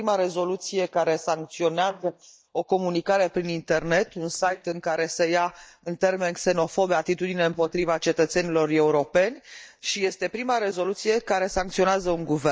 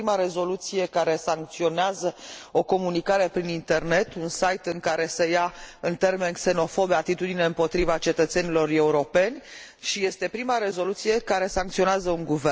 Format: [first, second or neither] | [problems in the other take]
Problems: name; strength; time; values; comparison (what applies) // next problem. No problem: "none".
second | noise reduction (neural mask model DeepFilterNet 3)